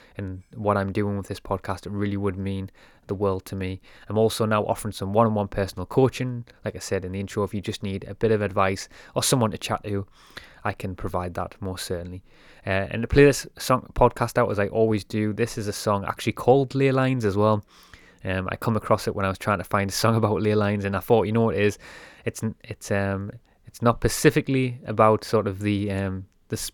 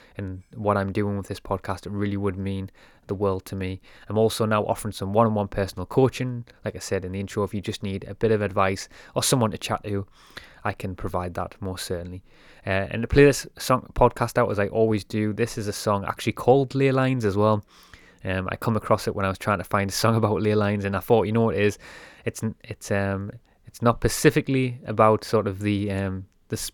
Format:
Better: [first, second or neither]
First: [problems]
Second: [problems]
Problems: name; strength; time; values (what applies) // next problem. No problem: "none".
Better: neither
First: none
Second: none